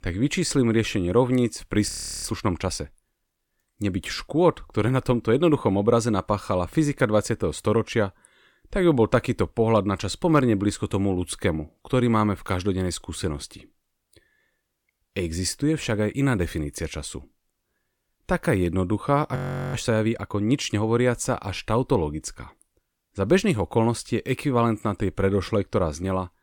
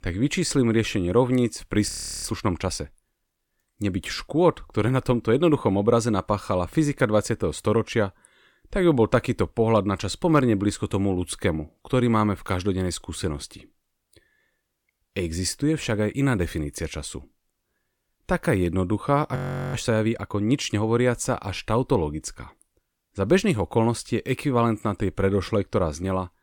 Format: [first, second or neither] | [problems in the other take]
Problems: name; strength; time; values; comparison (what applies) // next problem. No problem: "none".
neither | audio freezing; at 2 s and at 19 s; the same in both